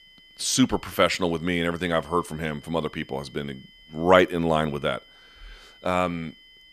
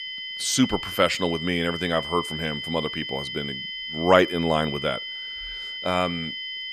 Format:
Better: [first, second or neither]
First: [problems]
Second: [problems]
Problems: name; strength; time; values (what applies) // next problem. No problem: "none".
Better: first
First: high-pitched whine; faint; throughout; 3 kHz, 25 dB below the speech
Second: high-pitched whine; loud; throughout; 3 kHz, 6 dB below the speech